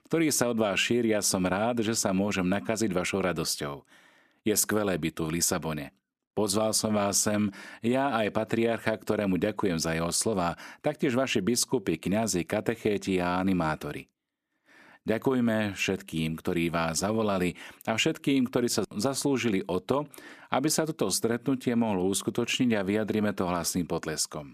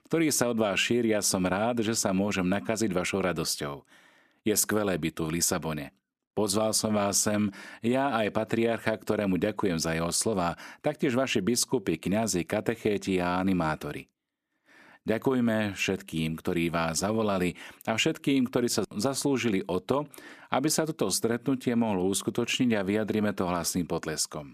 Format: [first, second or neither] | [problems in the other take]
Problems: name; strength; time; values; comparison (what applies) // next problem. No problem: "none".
neither | none